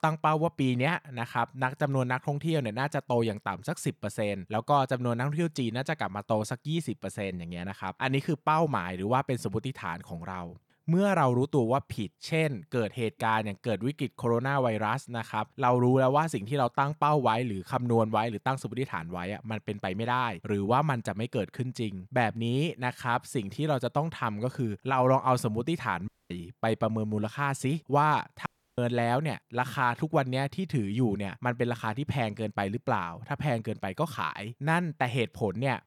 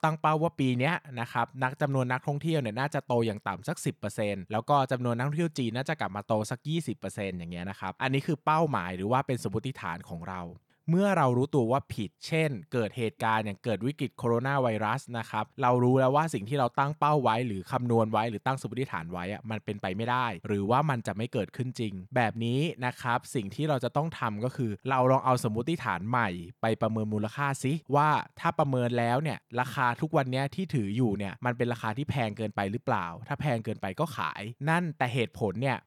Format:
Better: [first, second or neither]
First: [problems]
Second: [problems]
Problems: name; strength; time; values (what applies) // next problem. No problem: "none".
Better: second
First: audio cutting out; at 26 s and at 28 s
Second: none